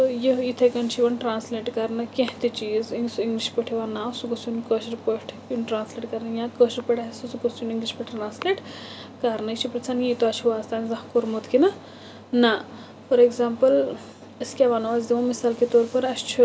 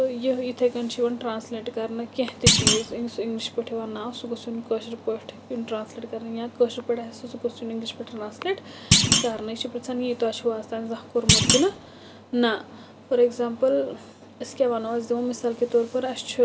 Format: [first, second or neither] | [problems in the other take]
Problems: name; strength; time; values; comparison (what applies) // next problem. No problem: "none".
first | background sound (Thump, thud); 4 dB above the speech